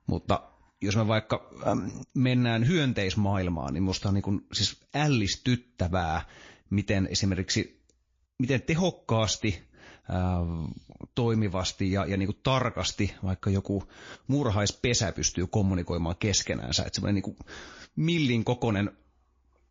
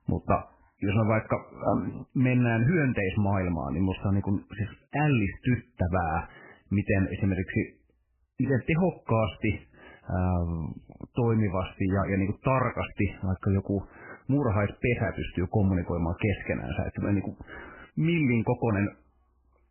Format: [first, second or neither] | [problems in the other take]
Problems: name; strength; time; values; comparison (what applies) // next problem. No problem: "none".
first | garbled, watery; badly; nothing above 3 kHz; slightly in the first